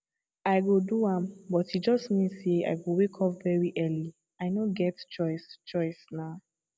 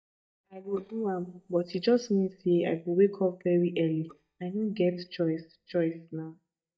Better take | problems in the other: first | noise reduction (neural mask model DeepFilterNet 3)

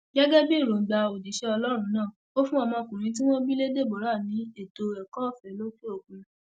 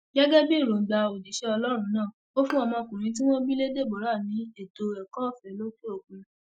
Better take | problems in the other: first | noise reduction (classical method Wiener filter)

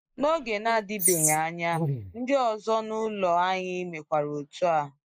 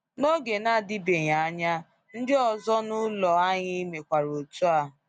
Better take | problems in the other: second | noise reduction (neural mask model Resemble Enhance denoiser)

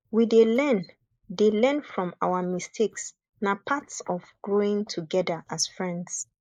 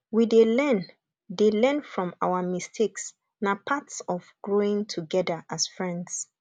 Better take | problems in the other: second | noise reduction (neural mask model Resemble Enhance denoiser)

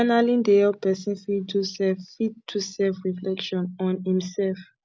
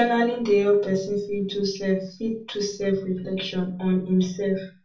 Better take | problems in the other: first | room echo; dies away in 0.3 s

